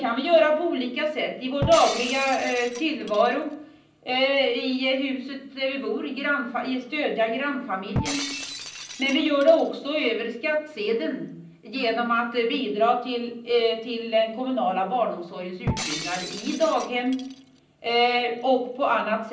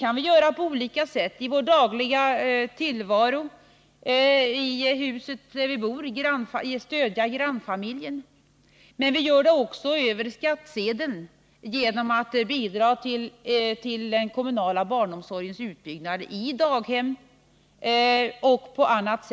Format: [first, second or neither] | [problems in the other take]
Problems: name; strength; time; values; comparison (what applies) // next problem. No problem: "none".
second | background sound (Shatter); 11 dB below the speech // room echo; dies away in 0.6 s